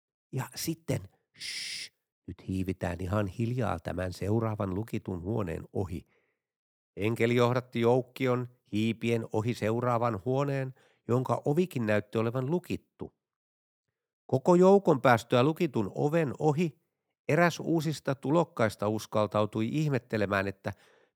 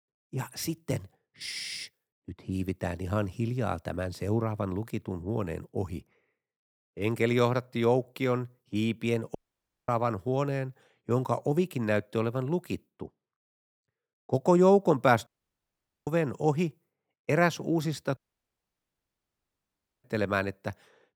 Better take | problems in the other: first | audio cutting out; at 9.5 s for 0.5 s, at 15 s for 1 s and at 18 s for 2 s

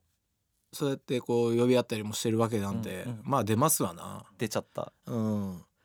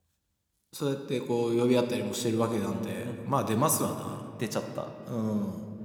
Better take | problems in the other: first | room echo; slight; dies away in 1.8 s

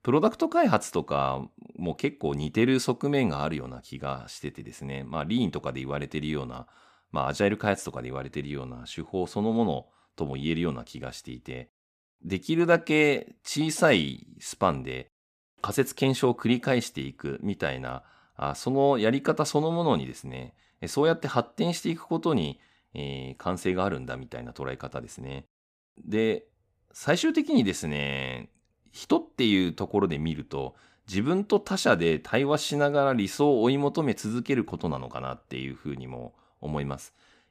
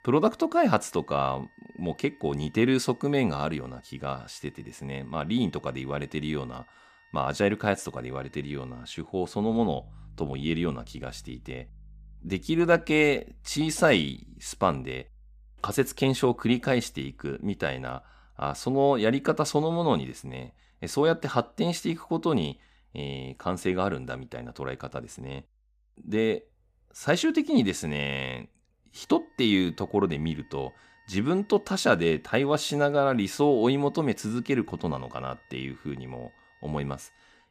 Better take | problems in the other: first | background music; faint; throughout; 30 dB below the speech

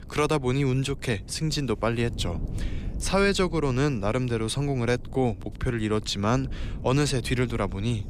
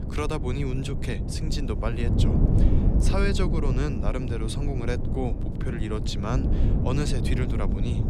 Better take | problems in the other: first | low rumble; loud; throughout; 3 dB below the speech; faint in the first

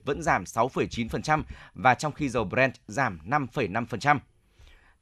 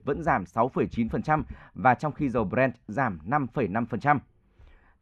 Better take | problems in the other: first | muffled; very; fading above 2.5 kHz

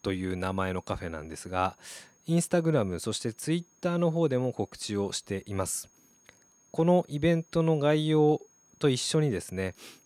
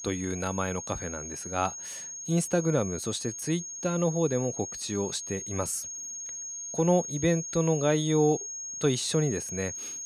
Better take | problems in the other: first | high-pitched whine; loud; throughout; 6.5 kHz, 7 dB below the speech; faint in the first

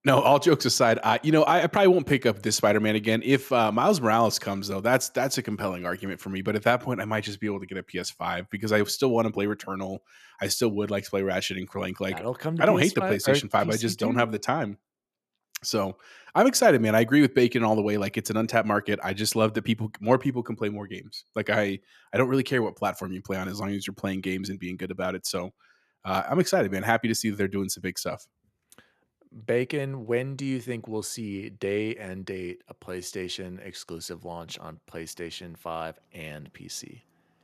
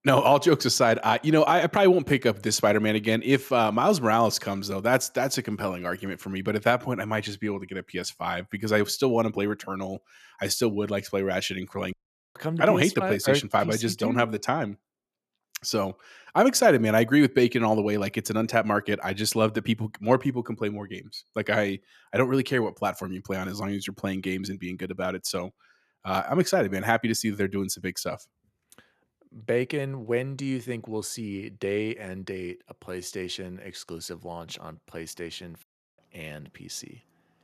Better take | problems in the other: first | audio cutting out; at 12 s and at 36 s

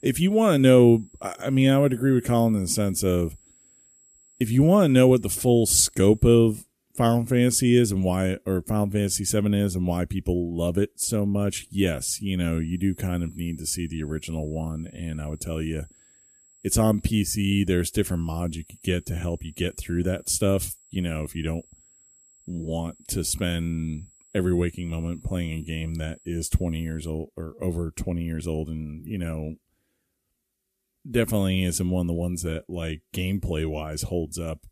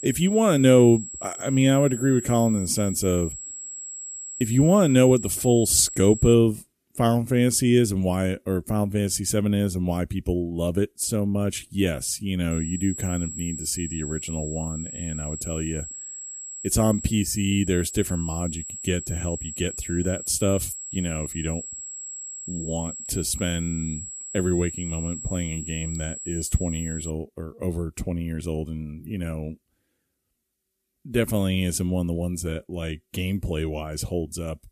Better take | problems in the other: first | high-pitched whine; loud; until 6.5 s and from 13 to 27 s; 7.5 kHz, 9 dB below the speech; faint in the first

